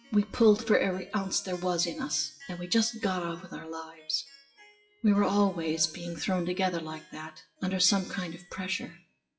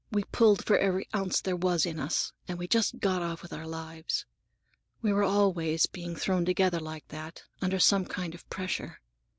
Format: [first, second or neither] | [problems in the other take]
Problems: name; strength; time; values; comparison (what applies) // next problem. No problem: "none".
second | noise reduction (classical method WPE with log-MMSE)